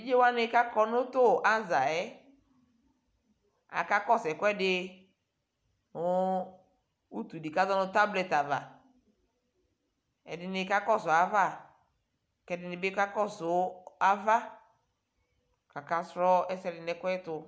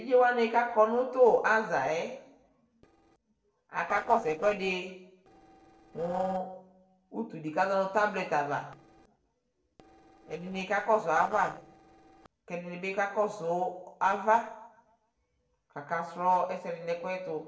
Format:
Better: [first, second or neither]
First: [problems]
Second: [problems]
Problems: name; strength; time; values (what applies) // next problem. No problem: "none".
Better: first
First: none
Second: noise reduction (neural separator model SepFormer DNS4)